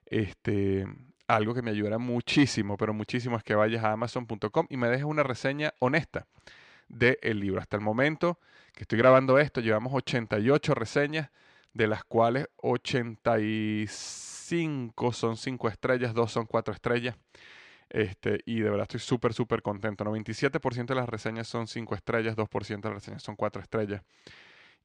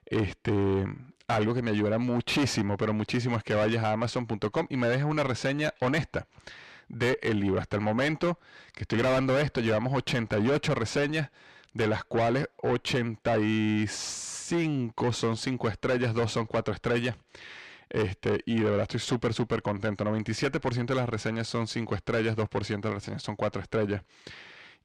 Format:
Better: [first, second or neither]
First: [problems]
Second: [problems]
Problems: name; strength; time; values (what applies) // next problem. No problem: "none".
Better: first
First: none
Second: distortion; heavy; 6 dB below the speech